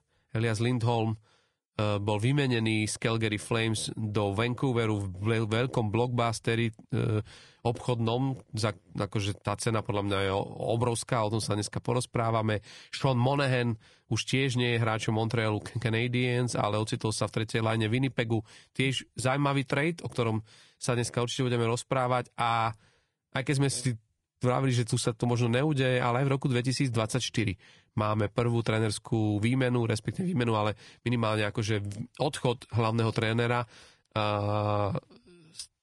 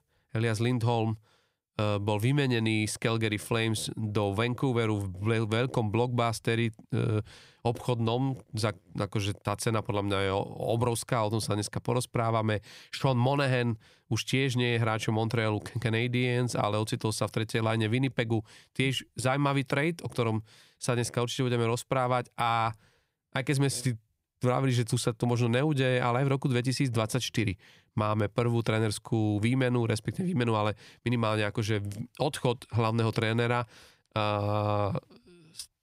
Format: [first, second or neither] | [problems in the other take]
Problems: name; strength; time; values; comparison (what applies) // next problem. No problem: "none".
second | garbled, watery; slightly; nothing above 10.5 kHz